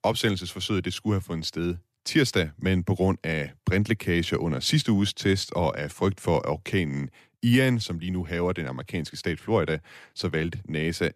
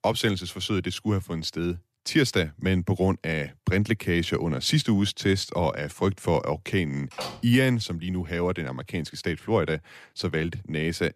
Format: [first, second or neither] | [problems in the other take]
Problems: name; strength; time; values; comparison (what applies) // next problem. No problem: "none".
first | door banging; noticeable; at 7 s; peak 9 dB below the speech